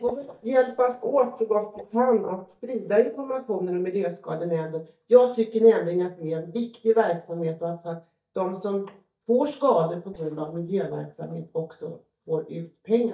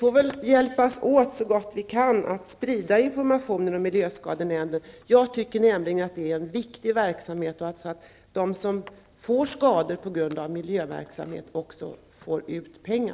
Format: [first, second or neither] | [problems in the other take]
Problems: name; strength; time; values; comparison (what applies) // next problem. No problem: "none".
second | noise reduction (neural mask model DeepFilterNet 3)